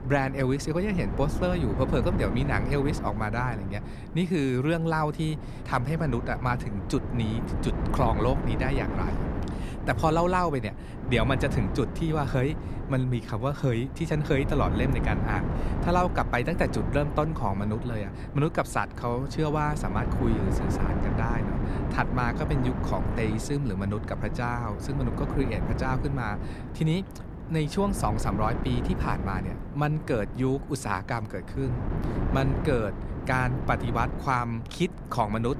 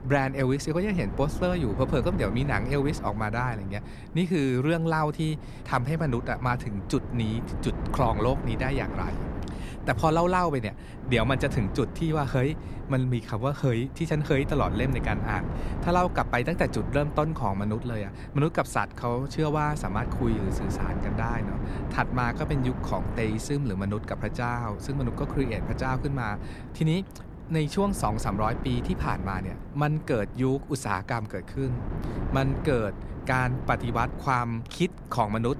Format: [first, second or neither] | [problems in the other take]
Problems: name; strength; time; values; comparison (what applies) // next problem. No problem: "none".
second | wind noise on the microphone; heavy; 8 dB below the speech; occasional gusts in the second